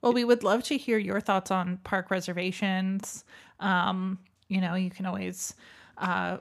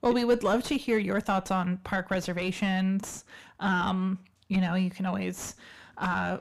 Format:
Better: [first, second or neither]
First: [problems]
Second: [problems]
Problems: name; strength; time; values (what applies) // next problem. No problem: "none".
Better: first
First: none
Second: distortion; slight; 9 dB below the speech